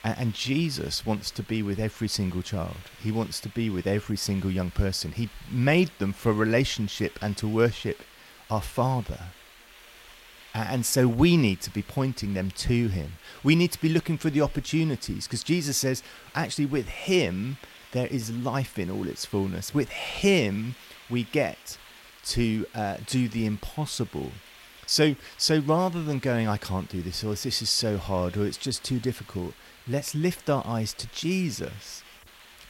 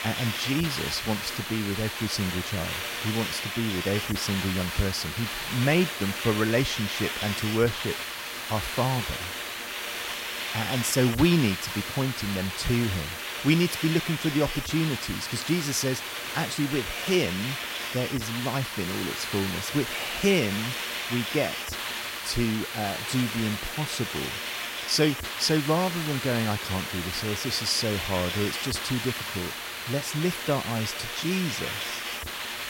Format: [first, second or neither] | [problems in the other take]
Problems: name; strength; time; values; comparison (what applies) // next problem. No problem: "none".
first | hiss; loud; throughout; 3 dB below the speech; faint in the first